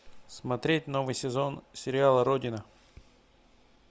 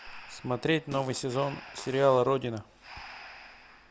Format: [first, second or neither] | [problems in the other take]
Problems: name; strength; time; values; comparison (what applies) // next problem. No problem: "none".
first | background sound (Breathing + Fart); 17 dB below the speech